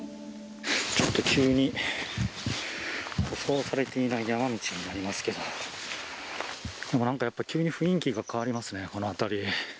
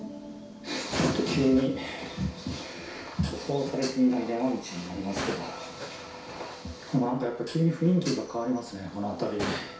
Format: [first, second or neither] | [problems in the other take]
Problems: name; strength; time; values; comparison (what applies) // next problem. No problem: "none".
first | background sound (Dishes, pots, and pans); 12 dB below the speech // room echo; dies away in 0.6 s